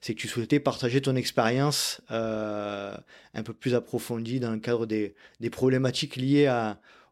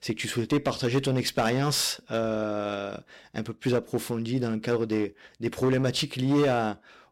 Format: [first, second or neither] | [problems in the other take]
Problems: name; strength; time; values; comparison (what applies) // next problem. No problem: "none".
first | distortion; slight; 8% of the sound clipped